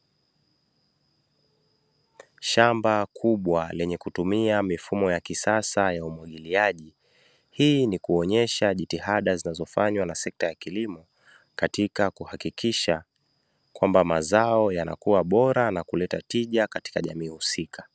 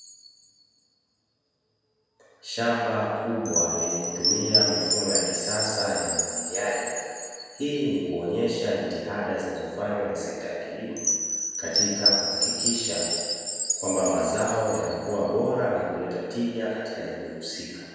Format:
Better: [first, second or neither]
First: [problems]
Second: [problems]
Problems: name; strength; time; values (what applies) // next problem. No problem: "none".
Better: first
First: none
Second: background sound (Chime); 2 dB below the speech // room echo; dies away in 1.9 s